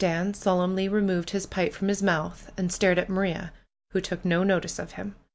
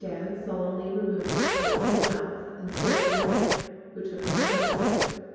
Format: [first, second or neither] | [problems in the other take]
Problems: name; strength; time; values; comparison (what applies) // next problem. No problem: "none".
first | background sound (Zipper (clothing)); 5 dB above the speech // room echo; dies away in 2.2 s